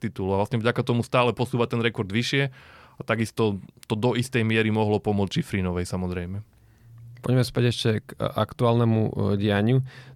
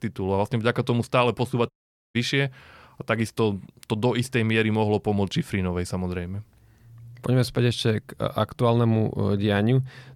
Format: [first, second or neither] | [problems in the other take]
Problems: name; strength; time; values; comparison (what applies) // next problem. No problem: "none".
first | audio cutting out; at 1.5 s